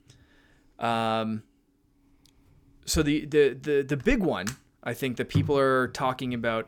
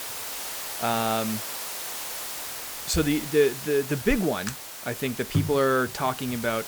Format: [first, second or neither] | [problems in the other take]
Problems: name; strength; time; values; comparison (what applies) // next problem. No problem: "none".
first | hiss; loud; throughout; 7 dB below the speech